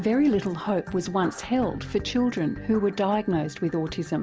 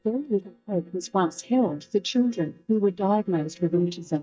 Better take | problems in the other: first | noise reduction (neural mask model DeepFilterNet 3)

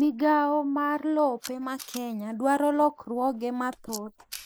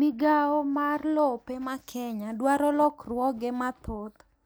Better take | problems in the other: second | noise reduction (neural mask model Resemble Enhance denoiser)

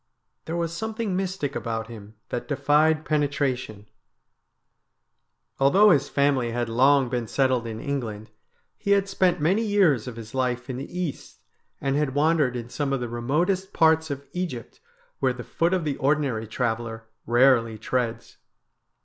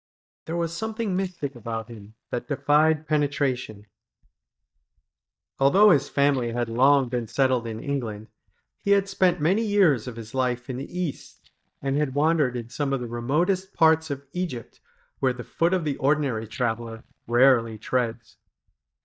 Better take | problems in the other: first | noise reduction (neural mask model DeepFilterNet 3)

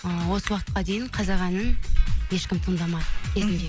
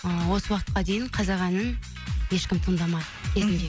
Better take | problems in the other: second | background sound (Chewing, mastication); 1 dB above the speech

